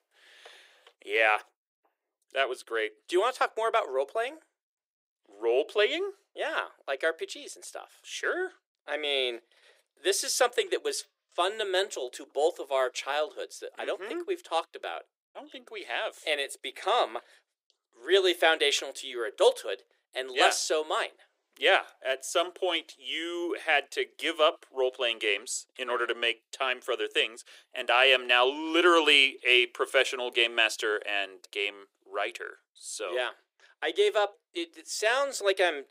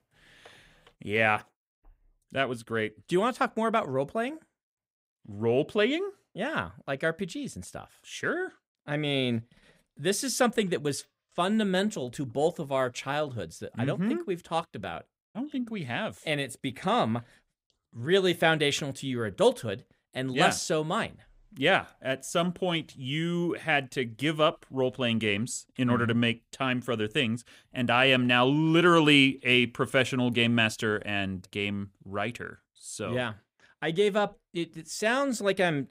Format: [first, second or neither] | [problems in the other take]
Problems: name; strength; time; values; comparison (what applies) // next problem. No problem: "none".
second | thin; very; fading below 350 Hz